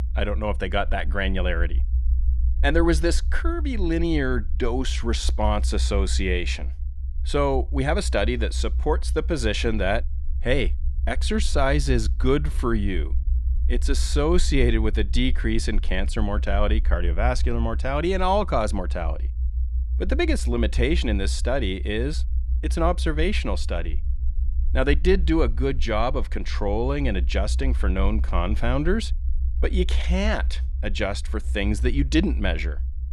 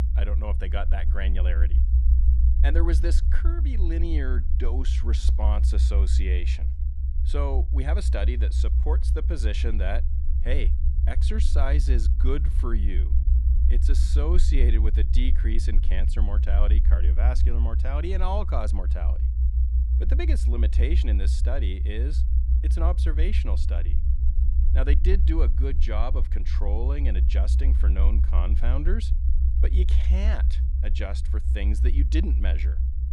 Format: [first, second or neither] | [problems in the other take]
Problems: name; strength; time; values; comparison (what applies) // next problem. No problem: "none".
first | low rumble; loud; throughout; 7 dB below the speech; faint in the first